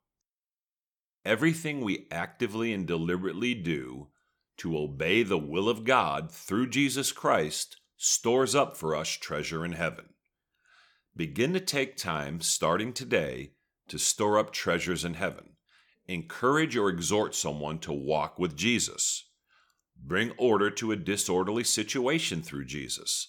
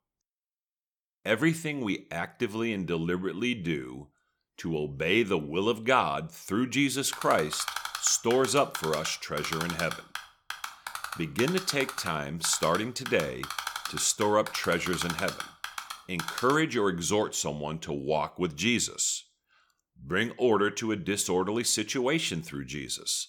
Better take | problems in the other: first | keyboard typing; noticeable; from 7 to 17 s; peak 5 dB below the speech

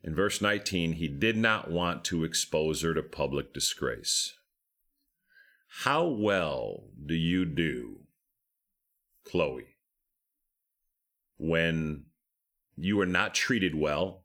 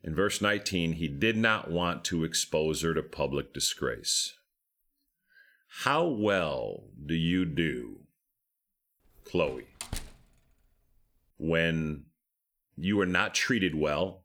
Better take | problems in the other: first | door banging; faint; at 9.5 s; peak 10 dB below the speech

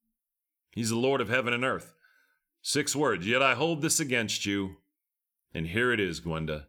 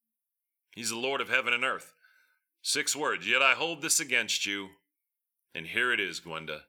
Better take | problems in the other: first | thin; somewhat; fading below 950 Hz

